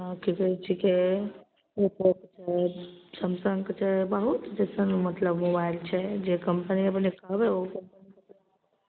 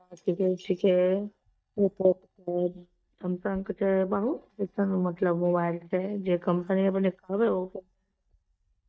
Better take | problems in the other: first | noise reduction (neural mask model DeepFilterNet 3)

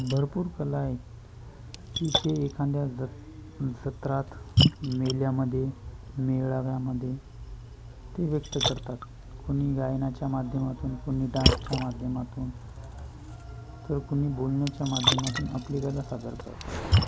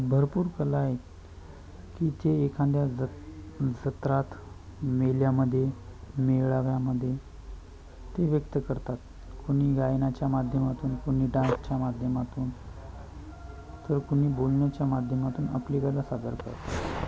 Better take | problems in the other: second | background sound (Splash, splatter); 2 dB below the speech

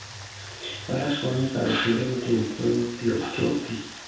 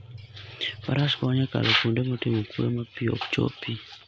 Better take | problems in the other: second | background sound (Rain); 15 dB below the speech // room echo; dies away in 0.7 s

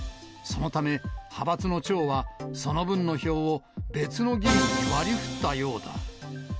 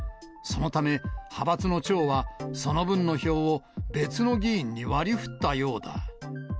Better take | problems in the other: second | background sound (Musical instrument); 6 dB below the speech

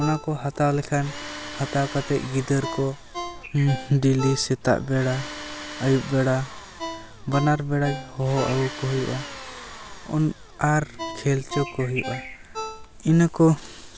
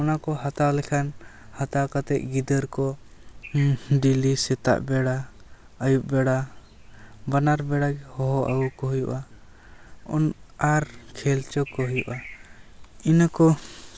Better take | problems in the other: second | background sound (Tools + Ringtone); 12 dB below the speech

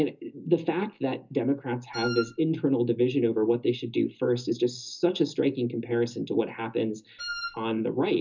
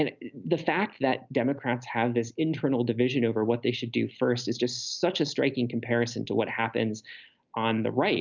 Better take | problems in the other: second | background sound (Wind instrument, woodwind instrument); 9 dB below the speech // room echo; dies away in 0.2 s

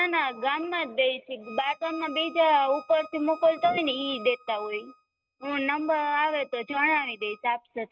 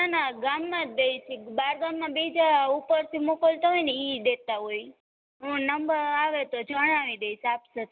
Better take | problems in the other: second | noise reduction (neural mask model RNNoise)

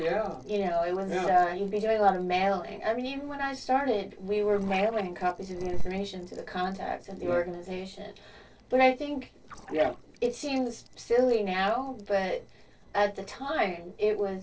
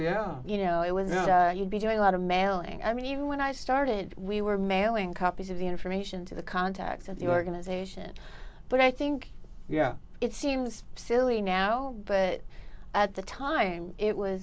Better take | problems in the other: second | noise reduction (neural separator model SepFormer DNS4)

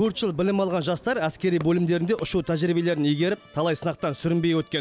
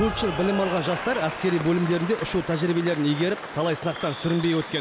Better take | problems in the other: first | background sound (Applause / Cheering); 9 dB below the speech

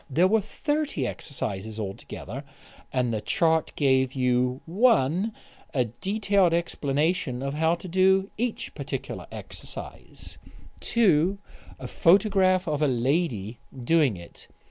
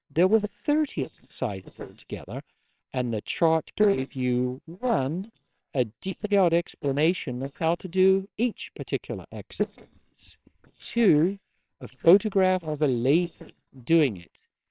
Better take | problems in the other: first | noise reduction (neural separator model SepFormer WHAMR!)

